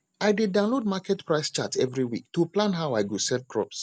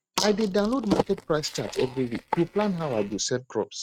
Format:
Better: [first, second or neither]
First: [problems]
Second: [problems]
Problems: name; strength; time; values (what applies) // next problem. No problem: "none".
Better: first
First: none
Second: noise reduction (neural mask model RNNoise)